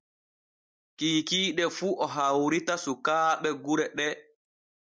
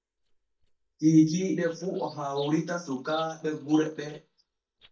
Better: first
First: none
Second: noise reduction (neural mask model DeepFilterNet 3)

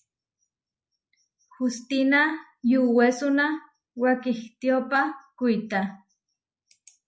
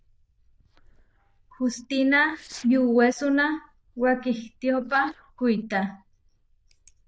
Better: first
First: none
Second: noise reduction (neural diffusion model UNIVERSE++)

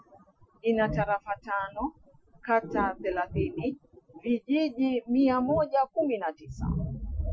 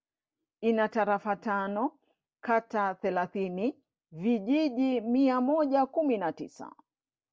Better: second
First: noise reduction (classical method Wiener filter)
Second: none

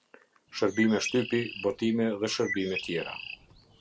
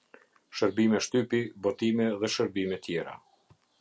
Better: second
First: background sound (Bird); 10 dB below the speech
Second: none

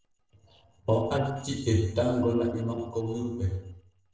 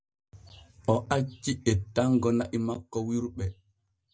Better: second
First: noise reduction (neural separator model SepFormer DNS4)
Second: none

